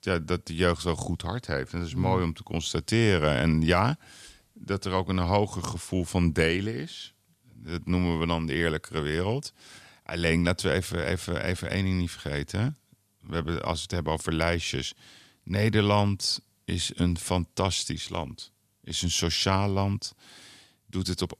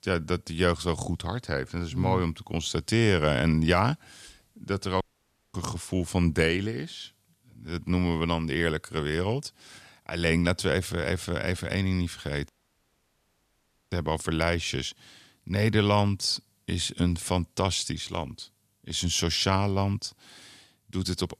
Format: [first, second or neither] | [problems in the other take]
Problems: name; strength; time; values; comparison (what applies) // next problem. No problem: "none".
first | audio cutting out; at 5 s for 0.5 s and at 12 s for 1.5 s